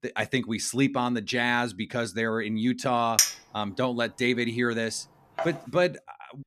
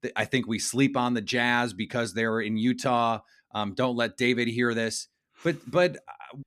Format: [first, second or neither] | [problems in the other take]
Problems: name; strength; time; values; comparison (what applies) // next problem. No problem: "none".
second | clattering dishes; loud; from 3 to 5.5 s; peak 5 dB above the speech